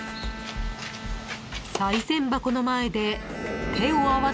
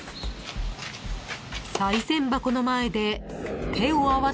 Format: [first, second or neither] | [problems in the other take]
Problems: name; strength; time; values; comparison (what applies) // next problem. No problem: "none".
second | background sound (Bowed string instrument); 12 dB below the speech